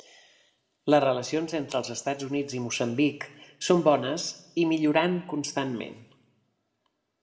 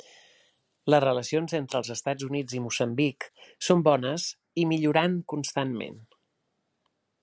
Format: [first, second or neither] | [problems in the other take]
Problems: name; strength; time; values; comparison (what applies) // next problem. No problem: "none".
second | room echo; dies away in 0.7 s